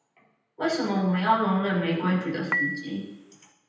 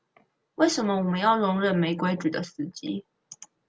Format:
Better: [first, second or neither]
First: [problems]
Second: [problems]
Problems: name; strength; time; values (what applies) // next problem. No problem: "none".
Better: second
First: background sound (Dishes, pots, and pans / Chink, clink); 5 dB below the speech // room echo; dies away in 0.9 s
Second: none